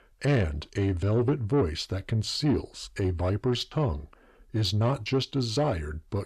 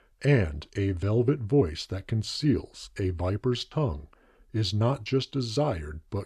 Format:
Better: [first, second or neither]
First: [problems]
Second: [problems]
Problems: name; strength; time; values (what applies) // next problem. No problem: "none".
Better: second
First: distortion; slight; 10 dB below the speech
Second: none